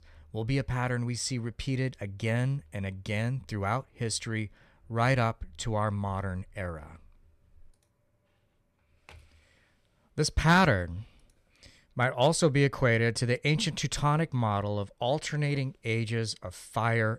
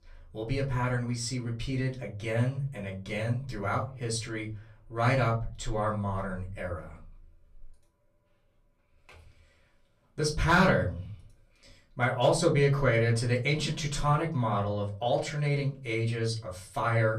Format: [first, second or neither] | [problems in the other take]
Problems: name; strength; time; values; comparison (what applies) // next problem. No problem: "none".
first | off-mic speech; far // room echo; very slight; dies away in 0.3 s